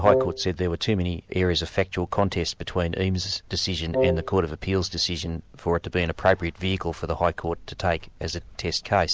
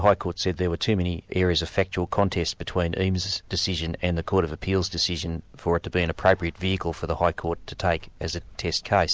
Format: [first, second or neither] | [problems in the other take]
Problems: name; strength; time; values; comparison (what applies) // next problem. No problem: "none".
second | background sound (Wind instrument, woodwind instrument); as loud as the speech